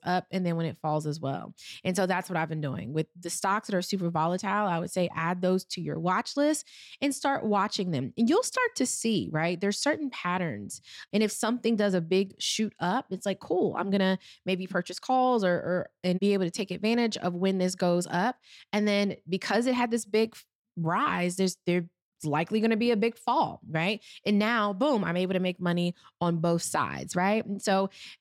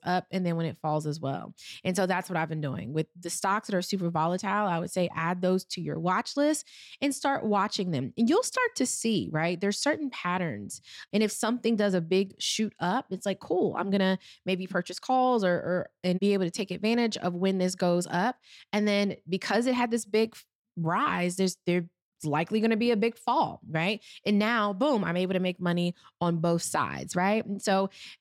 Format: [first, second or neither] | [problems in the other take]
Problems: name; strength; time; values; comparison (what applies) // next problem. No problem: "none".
neither | none